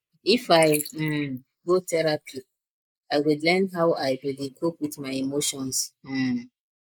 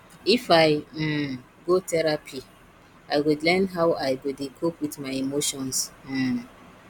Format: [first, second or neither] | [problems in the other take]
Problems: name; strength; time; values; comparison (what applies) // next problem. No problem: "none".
second | noise reduction (neural mask model Resemble Enhance denoiser)